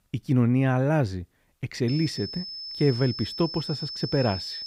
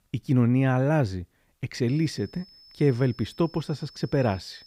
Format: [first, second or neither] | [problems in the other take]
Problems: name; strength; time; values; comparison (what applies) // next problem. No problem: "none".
second | high-pitched whine; loud; from 2 s on; 5.5 kHz, 8 dB below the speech; faint in the second